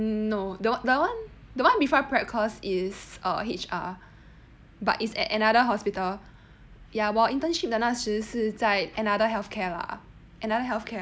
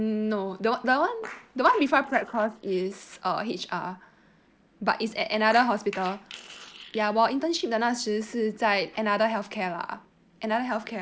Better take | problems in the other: first | noise reduction (neural separator model SepFormer DNS4)

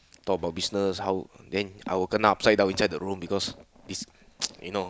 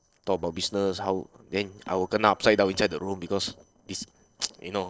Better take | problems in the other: first | noise reduction (neural separator model SepFormer DNS4)

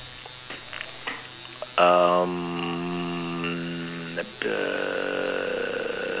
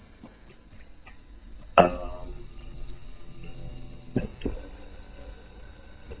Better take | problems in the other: first | noise reduction (neural mask model DeepFilterNet 3)

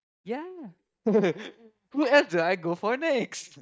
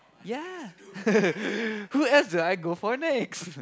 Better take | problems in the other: second | noise reduction (neural mask model DeepFilterNet 3)

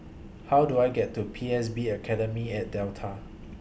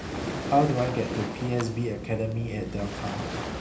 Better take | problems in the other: first | background sound (Waves, surf); 7 dB below the speech // room echo; dies away in 0.4 s

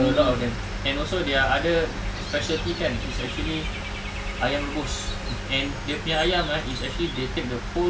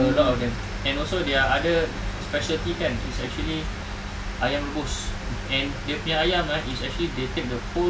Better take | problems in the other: second | background sound (Bird / Dog + Harmonica); 15 dB below the speech

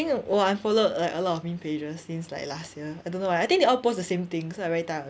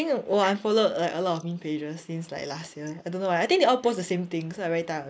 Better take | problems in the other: first | noise reduction (neural mask model Resemble Enhance denoiser)

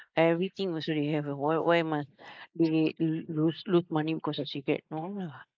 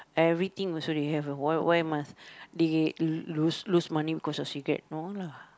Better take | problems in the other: second | noise reduction (neural mask model Resemble Enhance denoiser)

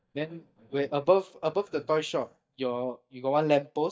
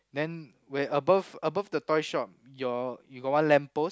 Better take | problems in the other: second | noise reduction (neural mask model DeepFilterNet 3)

